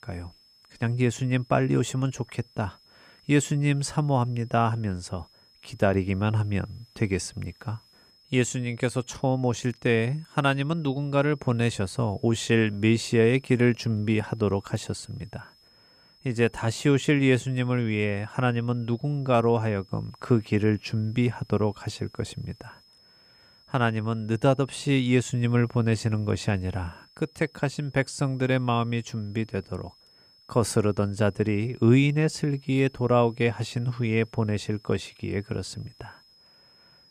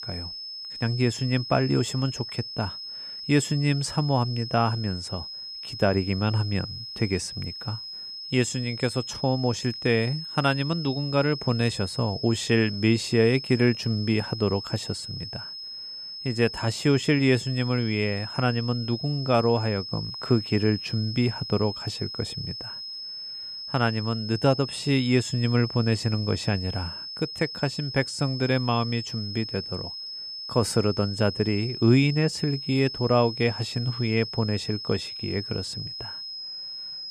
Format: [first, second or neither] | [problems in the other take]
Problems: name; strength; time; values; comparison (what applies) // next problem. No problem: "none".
first | high-pitched whine; loud; throughout; 5 kHz, 8 dB below the speech; faint in the first